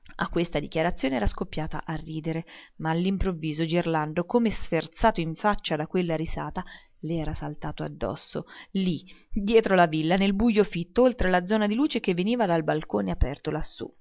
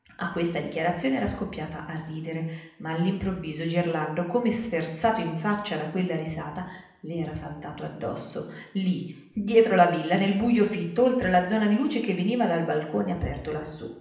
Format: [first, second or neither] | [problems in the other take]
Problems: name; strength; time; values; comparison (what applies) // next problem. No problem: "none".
first | room echo; dies away in 0.8 s